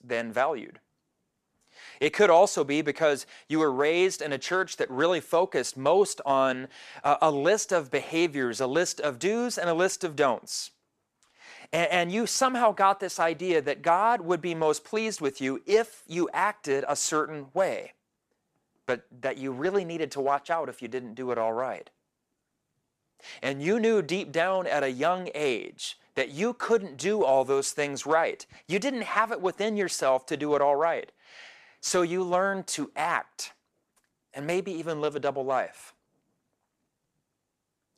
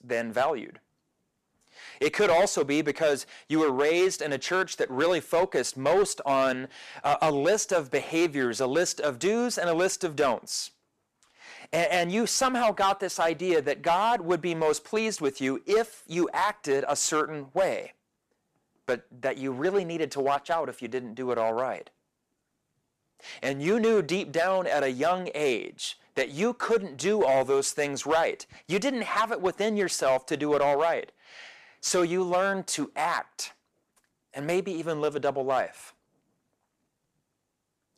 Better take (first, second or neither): first